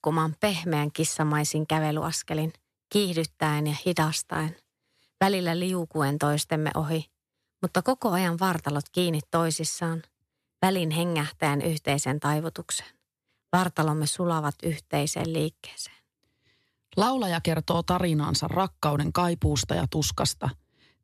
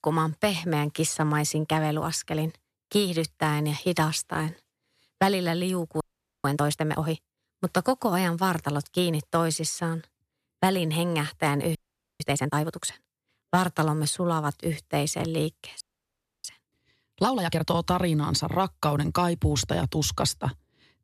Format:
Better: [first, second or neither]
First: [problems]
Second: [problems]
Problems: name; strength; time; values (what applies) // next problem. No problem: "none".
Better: first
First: none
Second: audio freezing; at 6 s, at 12 s and at 16 s for 0.5 s